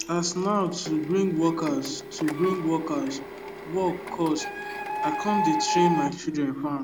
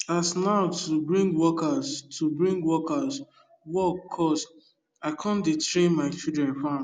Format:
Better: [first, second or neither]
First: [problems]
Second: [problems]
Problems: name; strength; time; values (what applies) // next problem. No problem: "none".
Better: second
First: background sound (Printer); 5 dB below the speech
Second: none